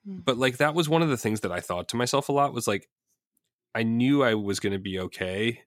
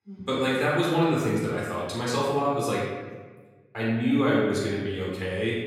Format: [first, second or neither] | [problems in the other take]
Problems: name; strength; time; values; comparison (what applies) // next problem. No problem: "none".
first | room echo; noticeable; dies away in 1.3 s // off-mic speech; far